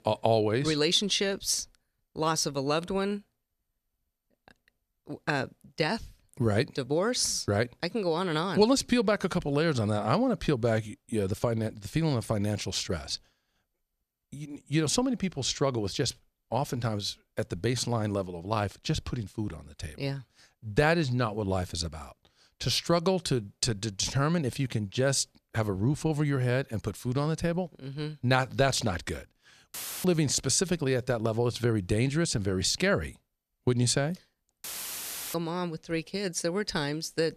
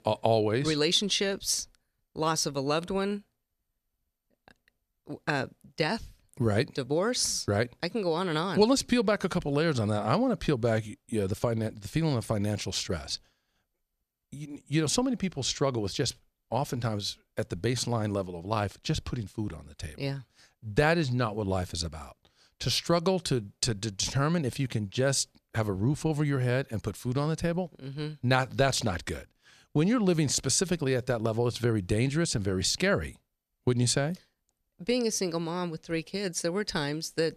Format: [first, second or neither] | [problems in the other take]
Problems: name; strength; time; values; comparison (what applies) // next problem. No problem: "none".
second | audio cutting out; filled with static; at 30 s and at 35 s for 0.5 s